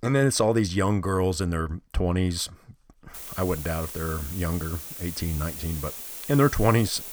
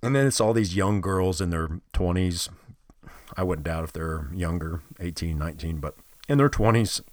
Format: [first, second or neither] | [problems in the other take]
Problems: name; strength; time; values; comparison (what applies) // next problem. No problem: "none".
second | hiss; loud; from 3 s on; 9 dB below the speech; faint in the second